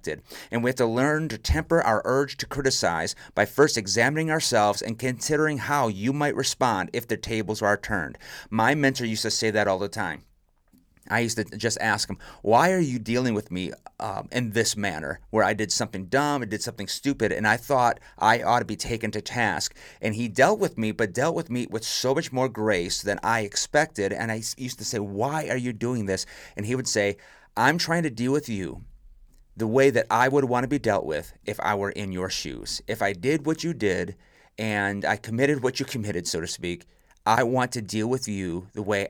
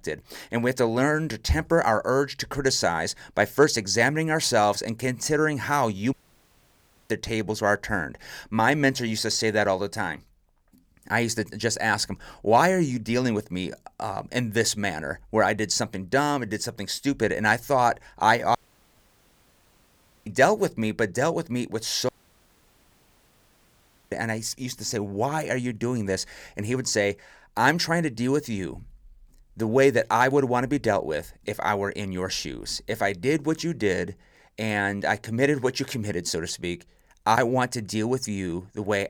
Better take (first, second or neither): first